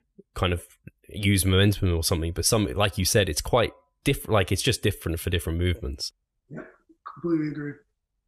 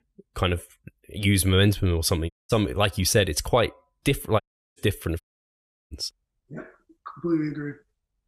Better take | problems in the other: first | audio cutting out; at 2.5 s, at 4.5 s and at 5 s for 0.5 s

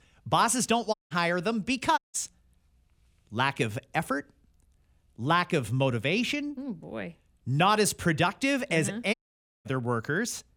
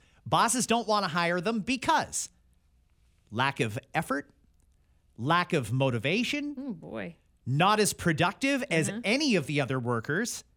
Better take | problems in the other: second | audio cutting out; at 1 s, at 2 s and at 9 s for 0.5 s

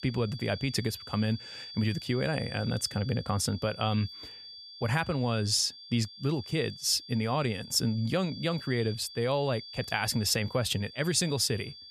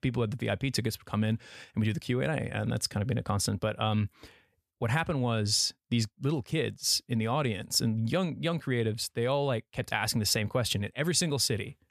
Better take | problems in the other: second | high-pitched whine; noticeable; throughout; 4.5 kHz, 15 dB below the speech

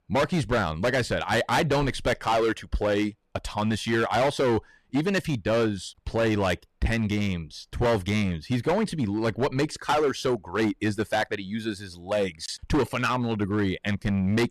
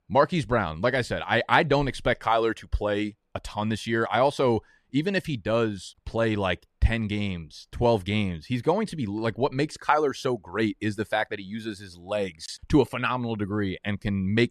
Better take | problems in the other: second | distortion; heavy; 12% of the sound clipped

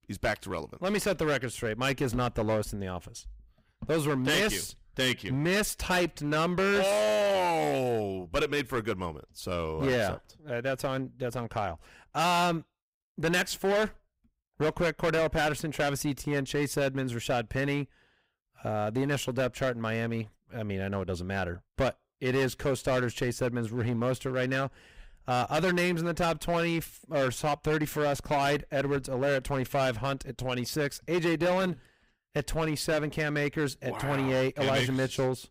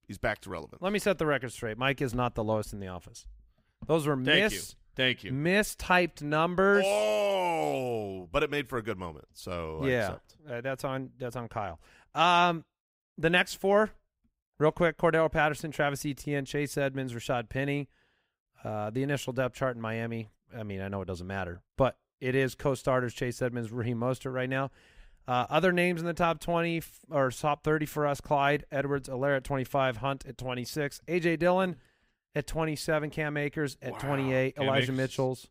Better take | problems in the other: second | distortion; heavy; 12% of the sound clipped

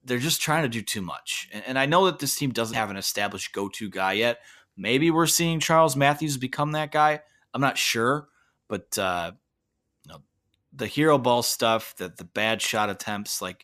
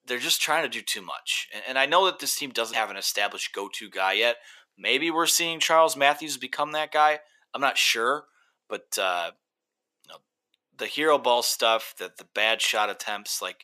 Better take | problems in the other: first | thin; somewhat; fading below 500 Hz

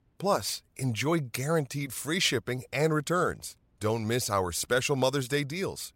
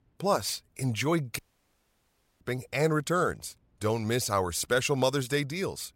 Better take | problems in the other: first | audio cutting out; at 1.5 s for 1 s

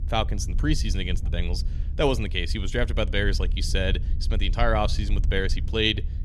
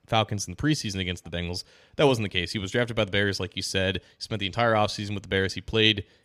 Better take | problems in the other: second | low rumble; noticeable; throughout; 20 dB below the speech

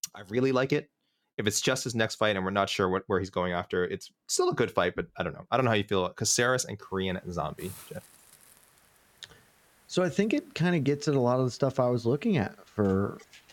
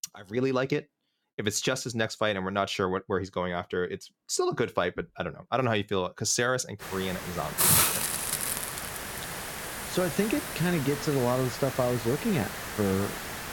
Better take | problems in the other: first | hiss; loud; from 7 s on; as loud as the speech; faint in the first

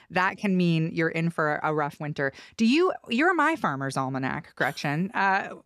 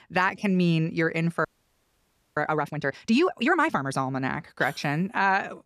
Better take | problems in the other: first | audio freezing; at 1.5 s for 1 s

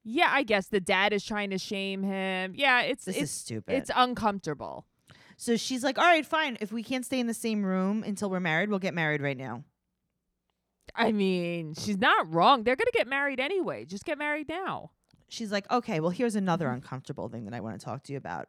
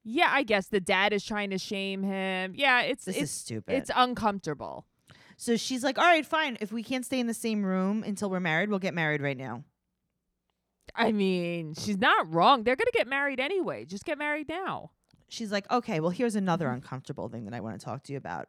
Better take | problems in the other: neither | none

